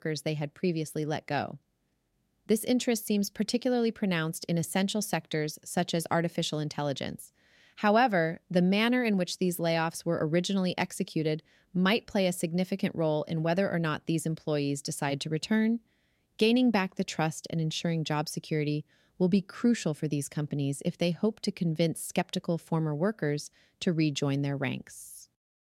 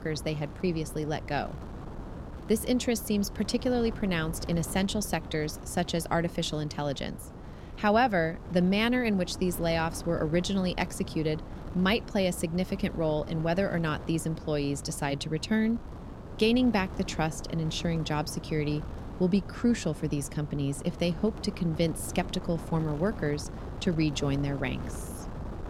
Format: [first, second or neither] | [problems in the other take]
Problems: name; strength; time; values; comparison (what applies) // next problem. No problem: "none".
first | wind noise on the microphone; occasional gusts; 15 dB below the speech